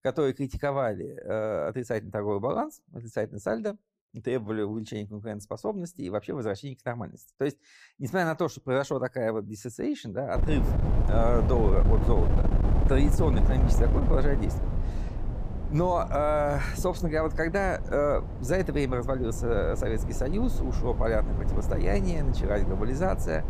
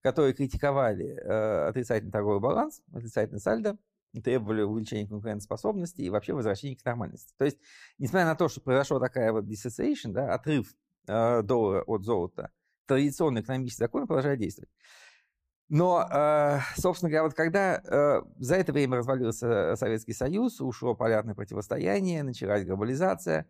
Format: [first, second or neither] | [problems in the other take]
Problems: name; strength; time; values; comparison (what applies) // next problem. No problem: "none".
second | wind noise on the microphone; heavy; from 10 s on; 9 dB below the speech